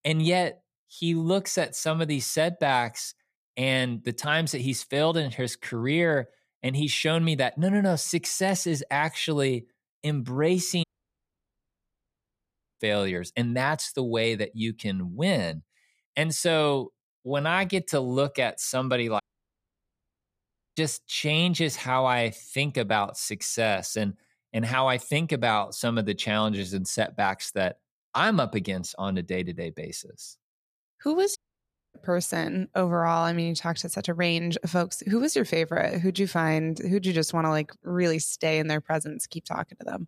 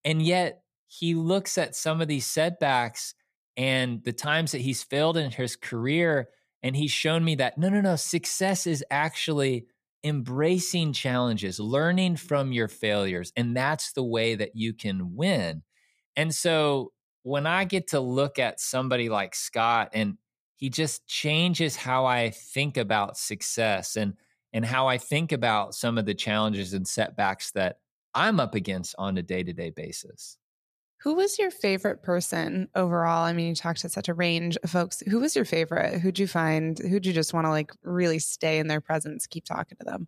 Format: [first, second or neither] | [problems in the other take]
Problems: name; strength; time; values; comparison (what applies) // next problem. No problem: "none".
second | audio cutting out; at 11 s for 2 s, at 19 s for 1.5 s and at 31 s for 0.5 s